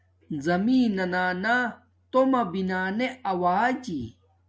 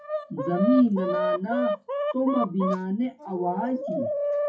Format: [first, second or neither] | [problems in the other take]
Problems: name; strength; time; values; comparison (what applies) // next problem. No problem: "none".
first | noise reduction (classical method WPE with log-MMSE)